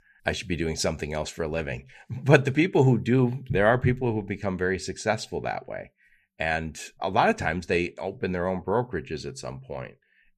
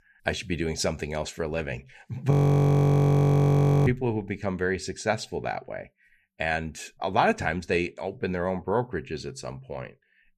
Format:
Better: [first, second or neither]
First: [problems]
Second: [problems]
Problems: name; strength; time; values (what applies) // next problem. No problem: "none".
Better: first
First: none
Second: audio freezing; at 2.5 s for 1.5 s